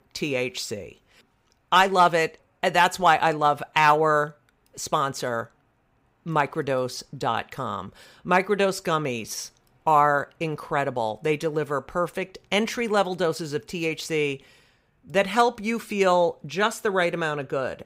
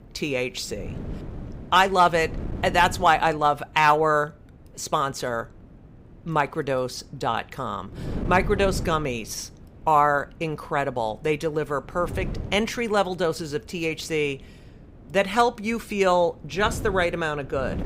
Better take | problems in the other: first | wind noise on the microphone; occasional gusts; 20 dB below the speech

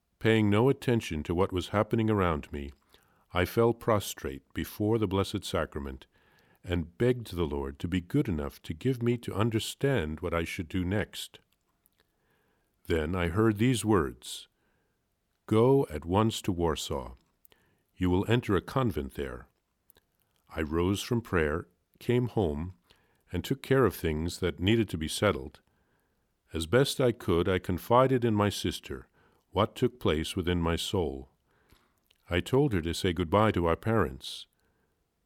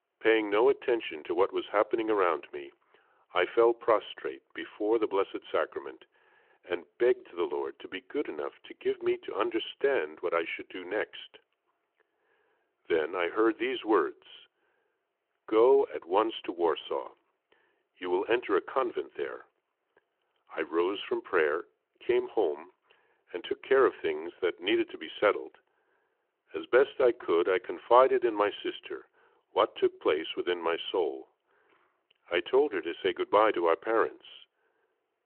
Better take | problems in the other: first | phone-call audio

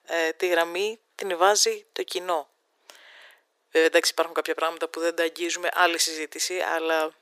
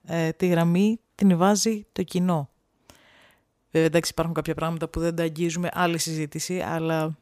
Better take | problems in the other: second | thin; very; fading below 350 Hz

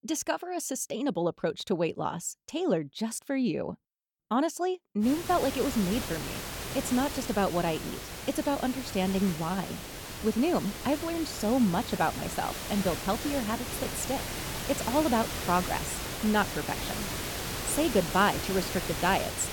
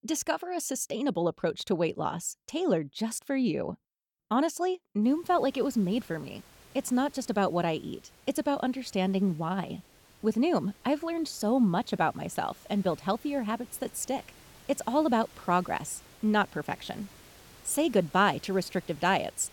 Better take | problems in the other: second | hiss; loud; from 5 s on; 5 dB below the speech; faint in the second

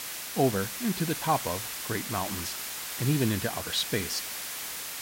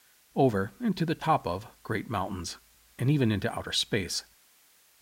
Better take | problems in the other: second | hiss; loud; throughout; 3 dB below the speech; faint in the second

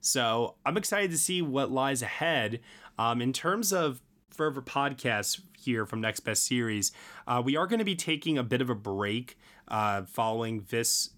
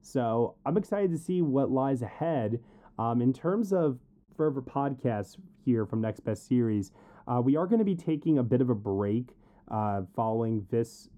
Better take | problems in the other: first | muffled; very; fading above 1 kHz

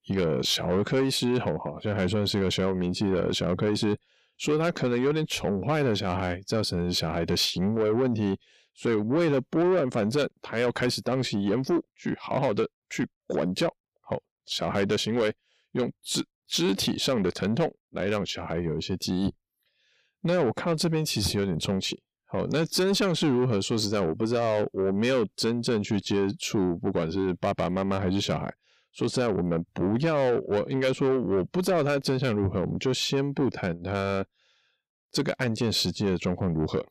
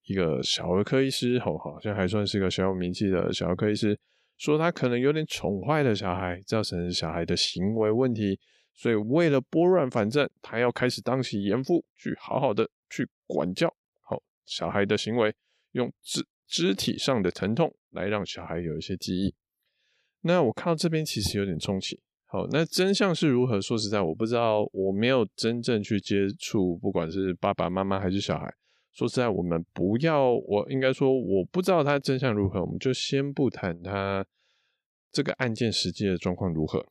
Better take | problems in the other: second | distortion; slight; 10 dB below the speech

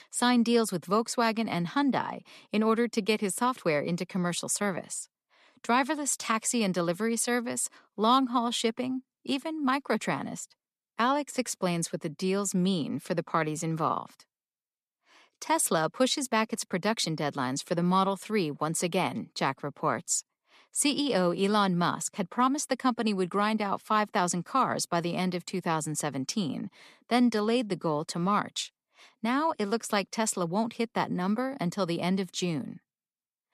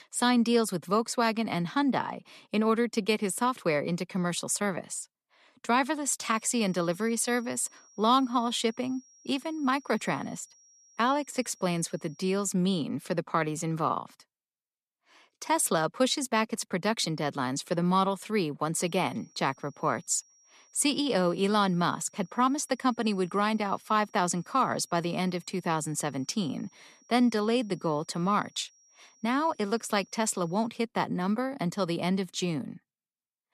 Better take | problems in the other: first | high-pitched whine; faint; from 6.5 to 13 s and from 19 to 31 s; 5.5 kHz, 30 dB below the speech

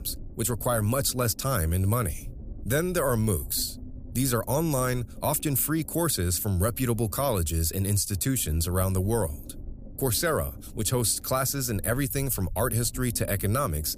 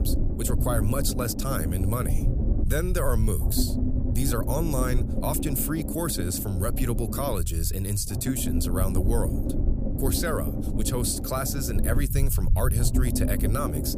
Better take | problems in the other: first | low rumble; loud; throughout; 6 dB below the speech; faint in the first

